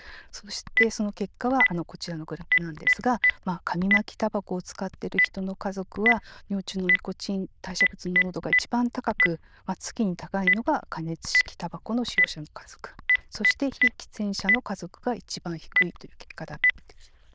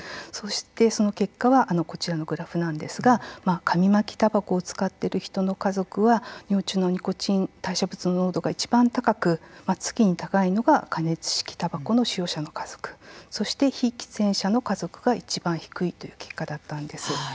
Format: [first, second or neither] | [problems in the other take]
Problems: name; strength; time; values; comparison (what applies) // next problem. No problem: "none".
second | noise reduction (neural diffusion model UNIVERSE++)